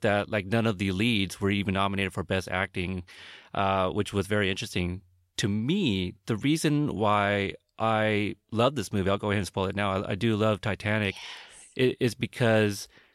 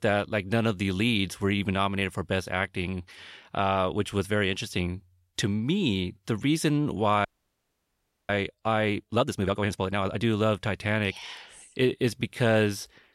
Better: first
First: none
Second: audio freezing; at 7.5 s for 1 s

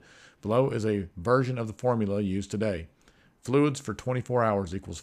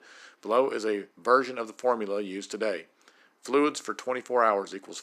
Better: first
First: none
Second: thin; somewhat; fading below 300 Hz

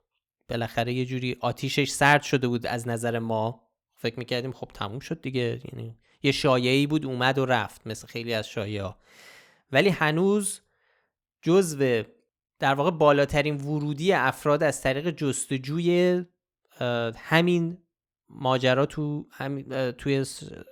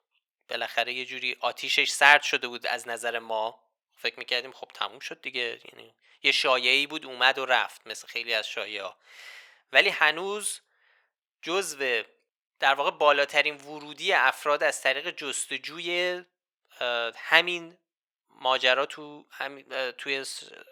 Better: first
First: none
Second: thin; very; fading below 650 Hz

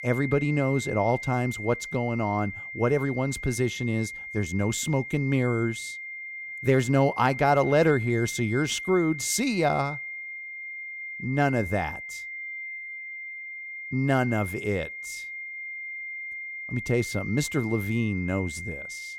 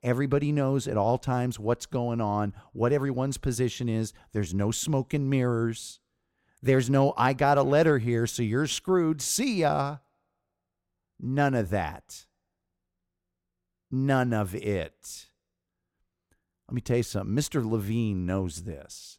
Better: second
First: high-pitched whine; loud; throughout; 2 kHz, 9 dB below the speech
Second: none

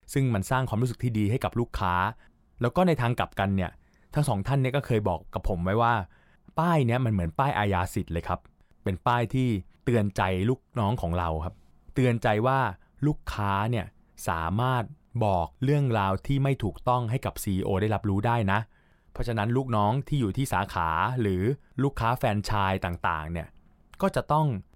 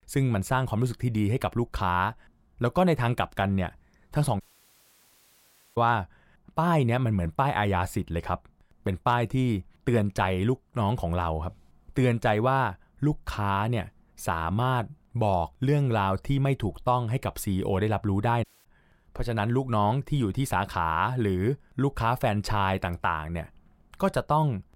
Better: first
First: none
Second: audio cutting out; at 4.5 s for 1.5 s and at 18 s

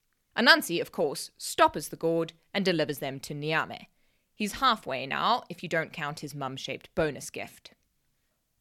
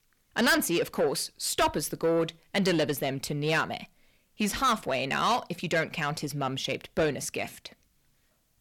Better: first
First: none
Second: distortion; heavy; 6 dB below the speech

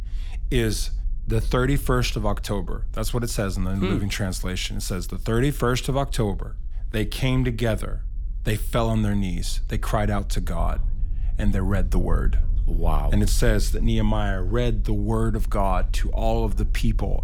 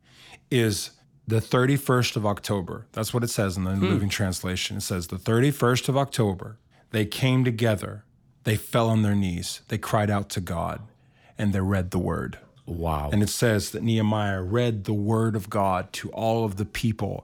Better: second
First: low rumble; faint; throughout; 25 dB below the speech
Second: none

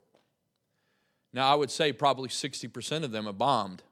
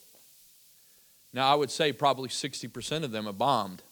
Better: first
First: none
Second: hiss; faint; throughout; 25 dB below the speech

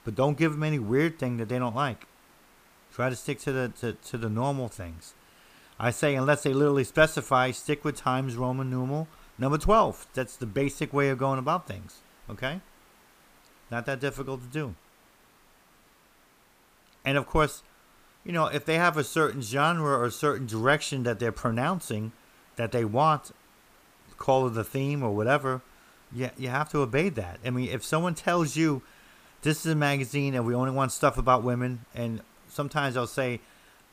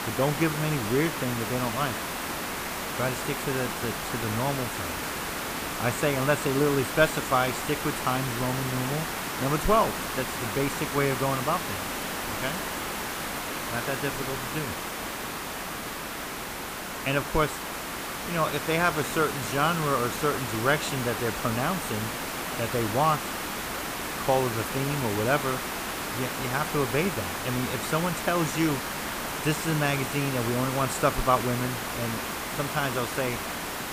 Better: first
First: hiss; faint; throughout; 30 dB below the speech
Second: hiss; loud; throughout; 3 dB below the speech

